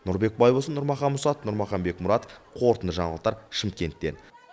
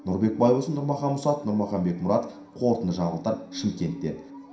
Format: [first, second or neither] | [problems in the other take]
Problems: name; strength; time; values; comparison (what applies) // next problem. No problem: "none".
first | background sound (Musical instrument); 16 dB below the speech // room echo; dies away in 0.5 s